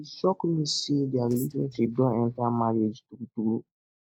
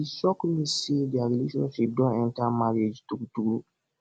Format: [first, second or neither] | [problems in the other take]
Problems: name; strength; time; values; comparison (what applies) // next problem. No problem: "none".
second | noise reduction (neural mask model DeepFilterNet 3)